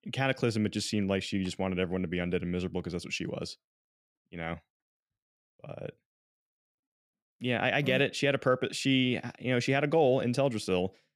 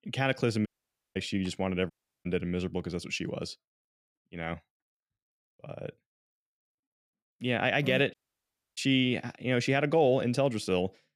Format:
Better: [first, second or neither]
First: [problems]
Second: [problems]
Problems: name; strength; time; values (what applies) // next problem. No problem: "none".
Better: first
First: none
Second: audio cutting out; at 0.5 s, at 2 s and at 8 s for 0.5 s